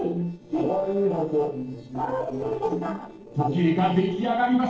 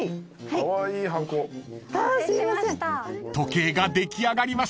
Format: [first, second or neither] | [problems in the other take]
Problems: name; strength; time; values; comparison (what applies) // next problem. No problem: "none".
second | noise reduction (neural separator model SepFormer DNS4)